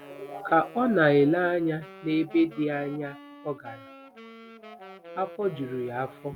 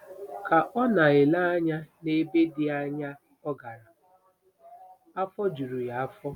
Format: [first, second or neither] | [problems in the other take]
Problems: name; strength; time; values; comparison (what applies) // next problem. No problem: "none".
second | background sound (Wind instrument, woodwind instrument); 19 dB below the speech